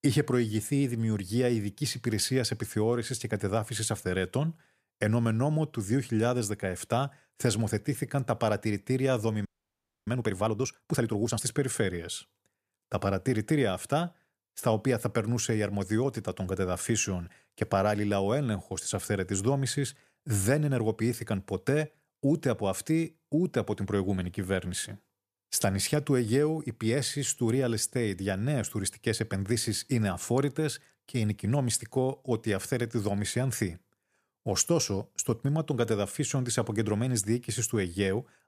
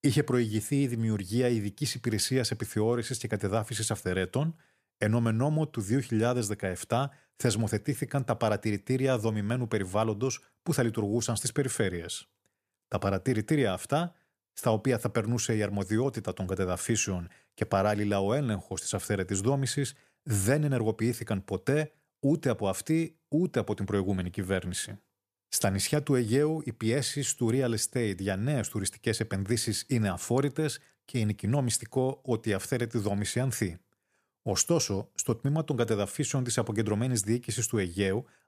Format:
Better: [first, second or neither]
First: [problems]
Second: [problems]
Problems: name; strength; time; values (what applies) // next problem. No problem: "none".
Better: second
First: audio freezing; at 9.5 s for 0.5 s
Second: none